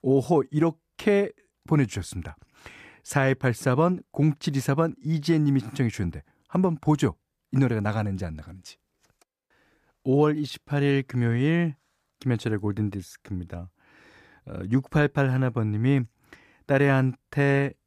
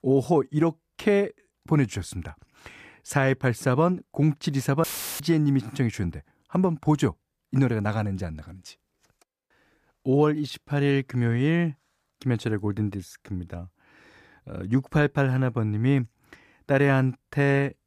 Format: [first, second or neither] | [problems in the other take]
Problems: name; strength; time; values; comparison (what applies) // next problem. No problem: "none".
first | audio cutting out; filled with static; at 5 s